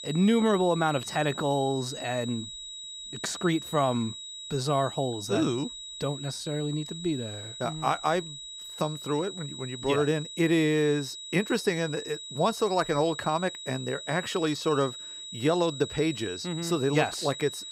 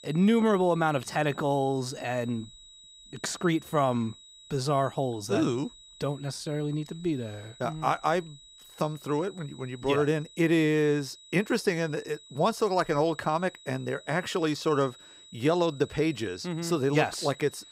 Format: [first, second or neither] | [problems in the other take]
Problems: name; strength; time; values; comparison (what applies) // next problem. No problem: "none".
second | high-pitched whine; loud; throughout; 4 kHz, 10 dB below the speech; faint in the second